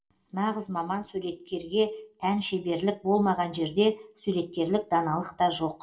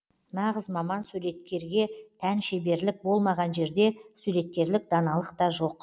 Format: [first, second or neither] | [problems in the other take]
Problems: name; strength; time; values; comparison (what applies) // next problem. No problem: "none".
second | room echo; dies away in 0.2 s